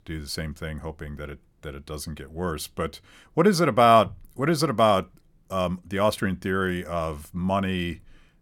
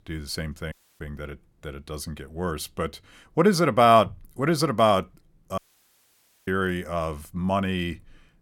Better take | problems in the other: first | audio cutting out; at 0.5 s and at 5.5 s for 1 s

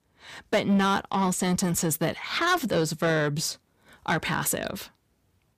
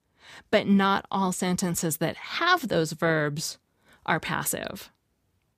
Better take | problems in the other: second | distortion; slight; 10 dB below the speech

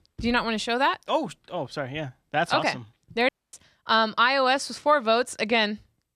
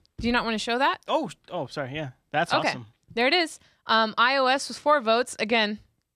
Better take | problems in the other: second | audio cutting out; at 3.5 s

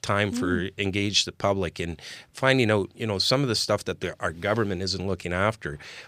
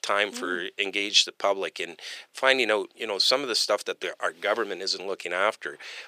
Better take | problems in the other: first | thin; very; fading below 400 Hz

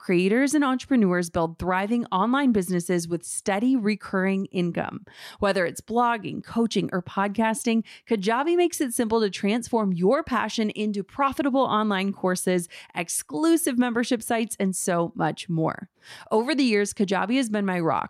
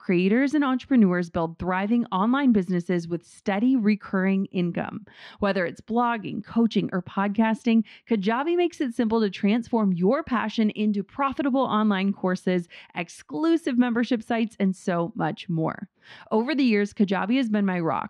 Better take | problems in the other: first | muffled; very slightly; fading above 3.5 kHz

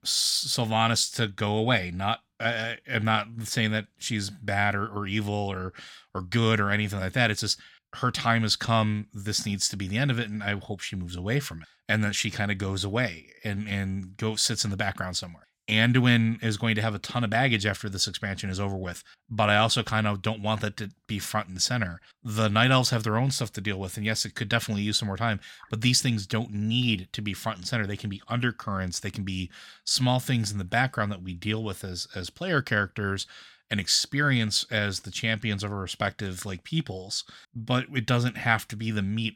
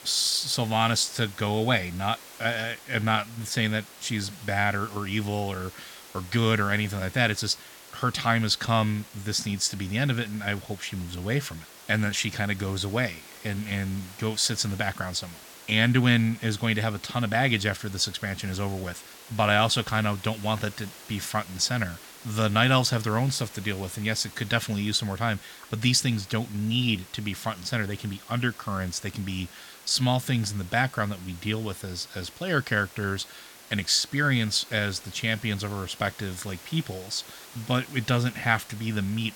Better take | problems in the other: first | hiss; noticeable; throughout; 20 dB below the speech

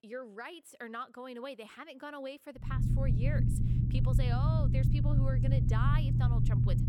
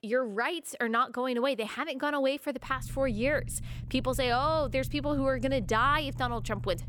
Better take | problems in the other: second | low rumble; loud; from 2.5 s on; as loud as the speech; faint in the second

